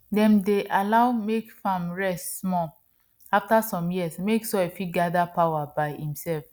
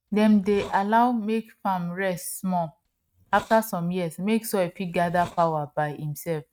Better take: first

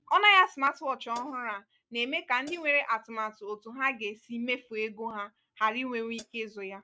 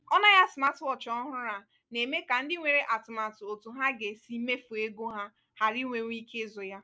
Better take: second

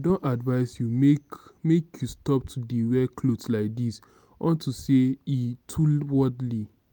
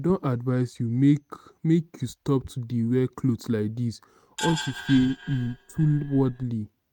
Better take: first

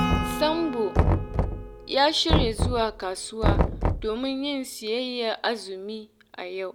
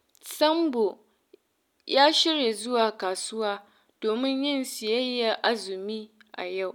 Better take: second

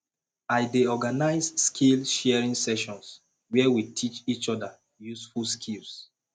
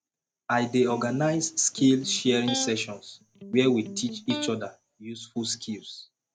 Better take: first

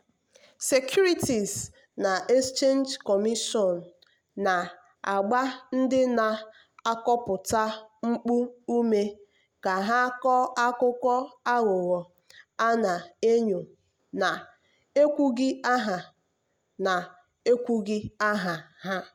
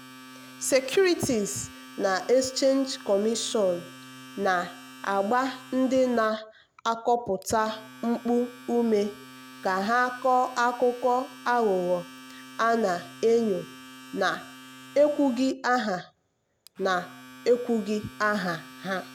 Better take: first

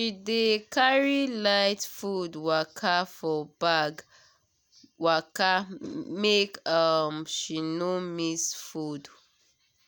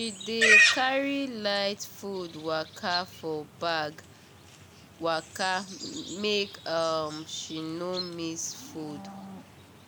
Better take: first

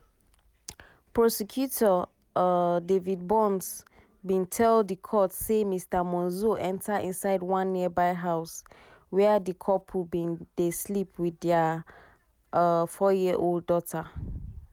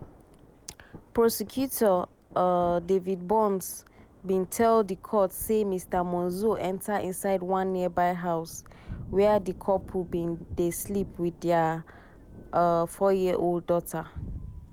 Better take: first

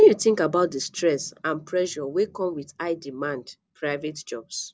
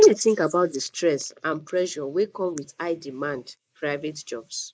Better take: first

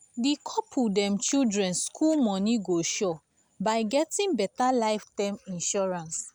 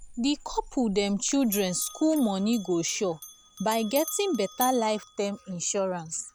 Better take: first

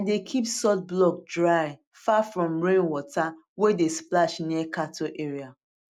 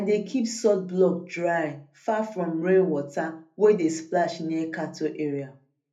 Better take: first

